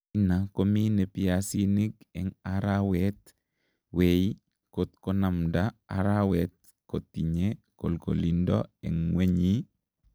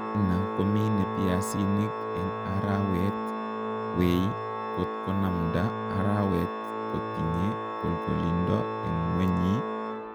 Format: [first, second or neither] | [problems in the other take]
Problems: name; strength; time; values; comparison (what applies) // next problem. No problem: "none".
first | background sound (Organ); 3 dB below the speech